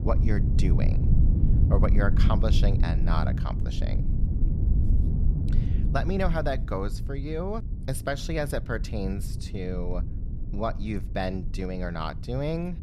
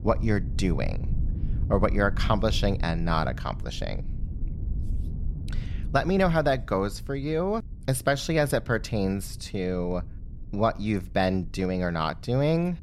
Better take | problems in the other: second | low rumble; loud; throughout; 8 dB below the speech; faint in the second

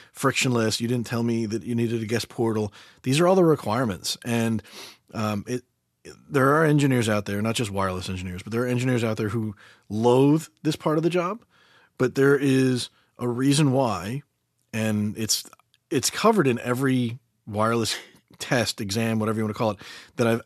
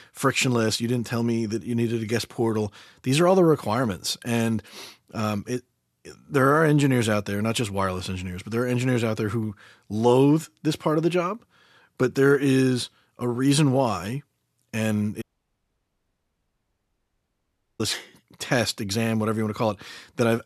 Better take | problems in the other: first | audio cutting out; at 15 s for 2.5 s

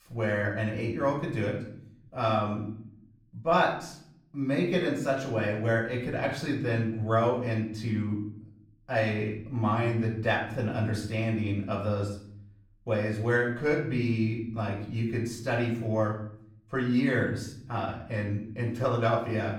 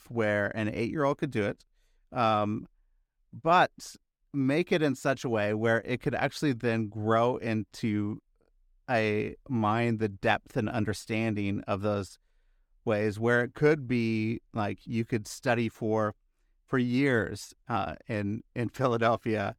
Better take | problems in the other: second | room echo; slight; dies away in 0.6 s // off-mic speech; far

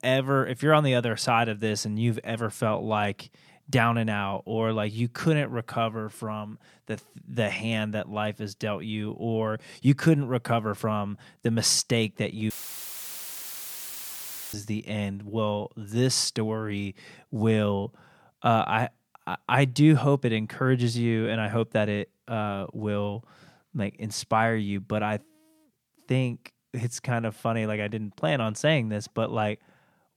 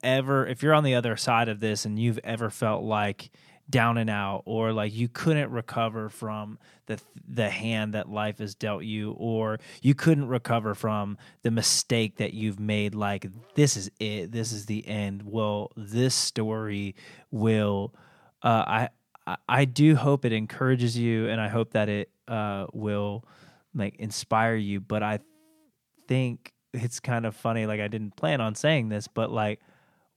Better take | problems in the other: second | audio cutting out; filled with static; at 13 s for 2 s

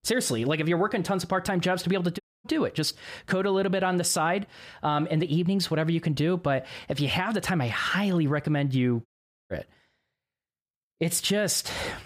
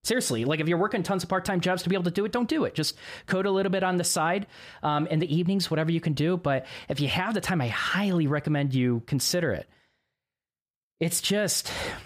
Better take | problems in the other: second | audio cutting out; at 2 s and at 9 s

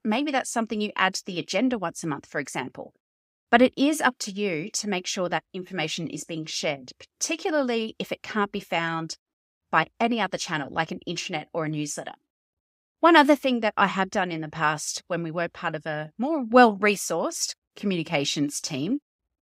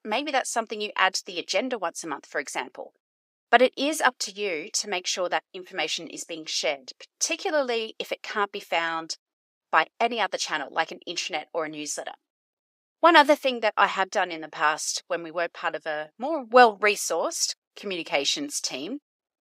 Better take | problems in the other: first | thin; somewhat; fading below 500 Hz

